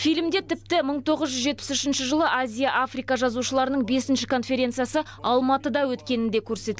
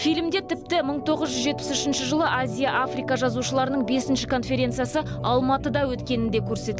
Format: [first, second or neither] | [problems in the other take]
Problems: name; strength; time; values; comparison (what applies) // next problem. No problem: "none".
first | background sound (Organ); 7 dB below the speech